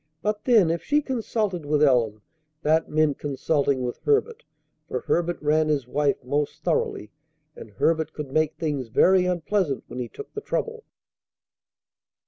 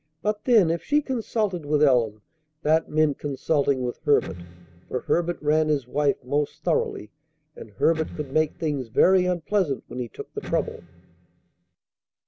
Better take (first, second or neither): first